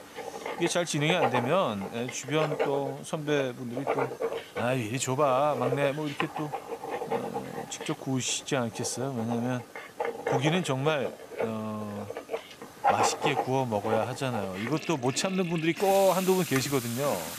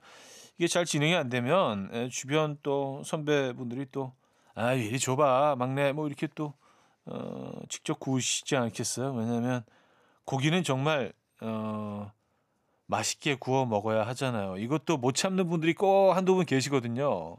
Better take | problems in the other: second | household noises; loud; throughout; 5 dB below the speech

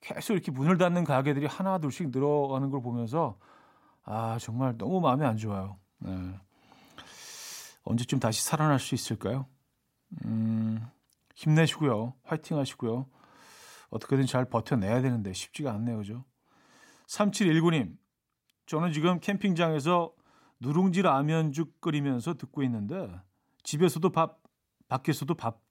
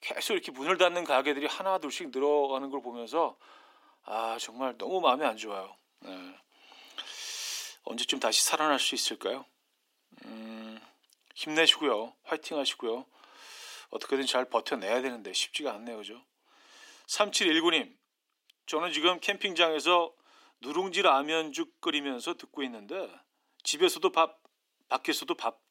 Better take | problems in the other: first | thin; very; fading below 300 Hz

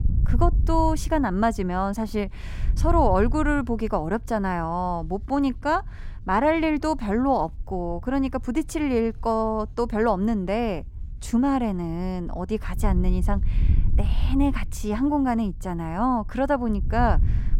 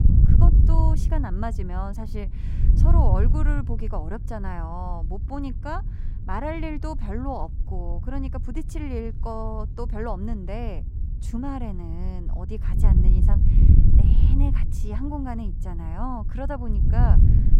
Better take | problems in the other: first | wind noise on the microphone; heavy; 6 dB below the speech; occasional gusts in the first

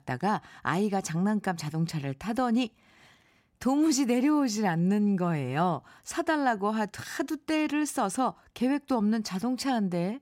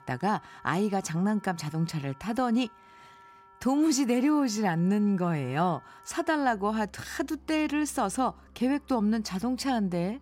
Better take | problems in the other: first | background music; faint; throughout; 25 dB below the speech

